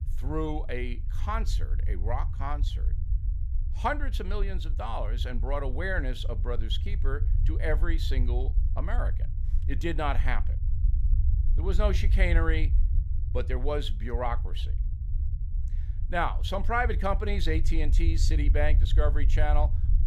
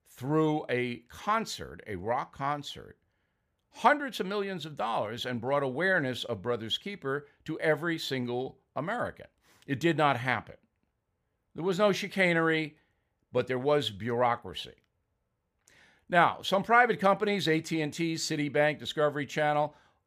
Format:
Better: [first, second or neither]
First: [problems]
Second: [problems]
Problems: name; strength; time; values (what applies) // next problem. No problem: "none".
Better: second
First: low rumble; noticeable; throughout; 15 dB below the speech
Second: none